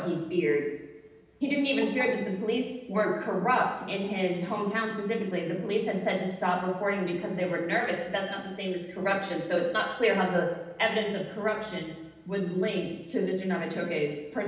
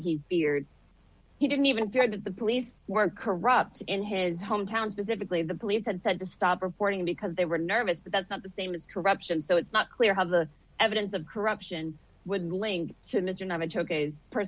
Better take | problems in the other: second | room echo; dies away in 0.9 s

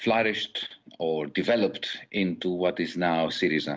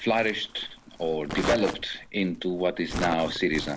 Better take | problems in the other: first | background sound (Crumpling, crinkling); 9 dB below the speech

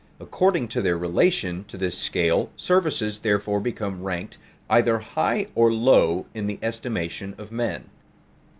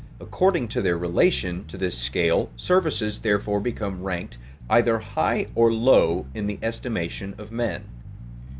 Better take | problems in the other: first | background sound (Bass guitar); 14 dB below the speech

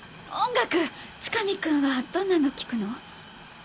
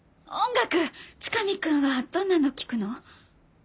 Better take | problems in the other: second | background sound (Train); 19 dB below the speech

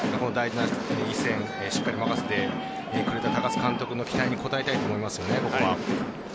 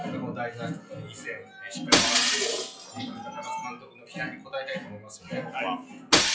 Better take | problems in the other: first | noise reduction (classical method WPE with log-MMSE)

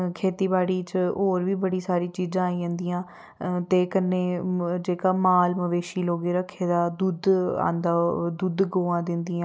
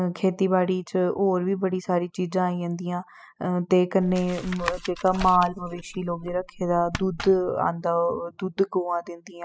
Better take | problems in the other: first | noise reduction (classical method spectral subtraction)

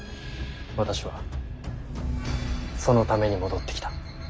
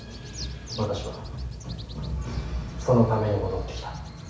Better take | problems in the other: first | background sound (Bird vocalization, bird call, bird song); 20 dB below the speech // room echo; dies away in 0.6 s

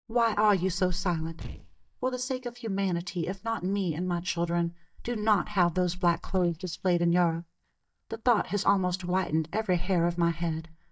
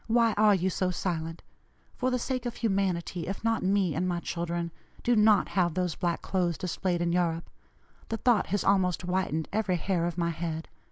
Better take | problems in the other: second | noise reduction (neural mask model DeepFilterNet 3)

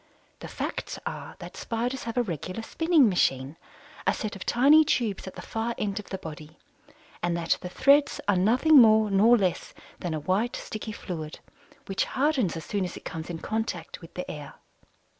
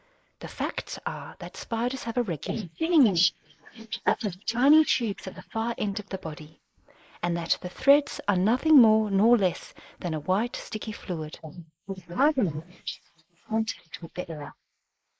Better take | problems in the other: first | noise reduction (neural mask model Resemble Enhance denoiser)

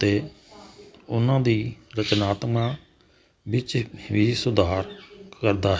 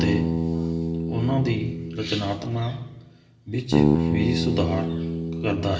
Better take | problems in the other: first | background sound (Bass guitar); 2 dB above the speech // room echo; dies away in 1 s

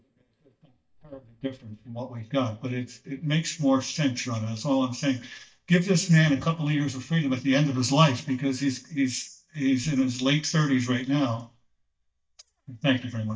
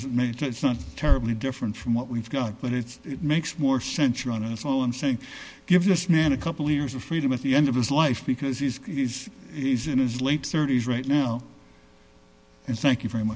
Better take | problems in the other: second | noise reduction (neural mask model DeepFilterNet 3)

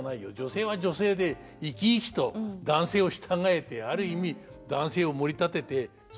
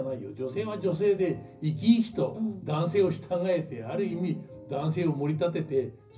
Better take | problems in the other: first | room echo; dies away in 0.4 s

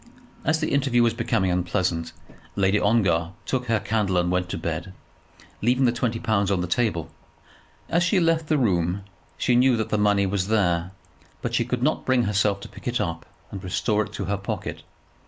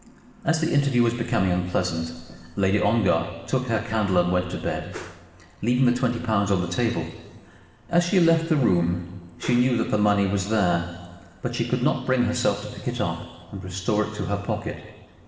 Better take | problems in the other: first | background sound (Whoosh, swoosh, swish); 19 dB below the speech // room echo; dies away in 2 s

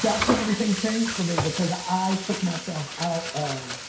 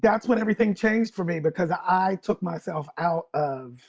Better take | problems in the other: second | background sound (Frying (food)); 5 dB below the speech // room echo; dies away in 0.5 s

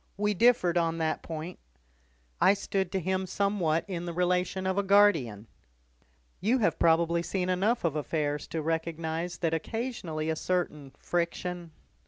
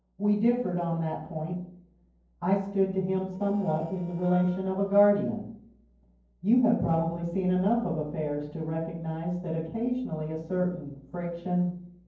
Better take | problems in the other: first | noise reduction (neural separator model SepFormer DNS4)

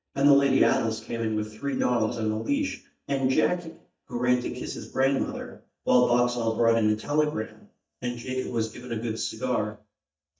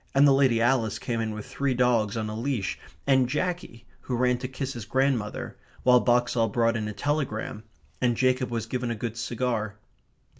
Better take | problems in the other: second | noise reduction (neural mask model DeepFilterNet 3)

